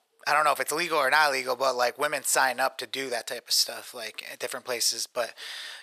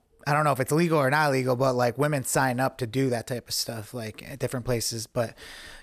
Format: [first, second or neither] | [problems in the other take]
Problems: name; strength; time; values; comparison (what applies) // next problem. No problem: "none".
second | thin; very; fading below 700 Hz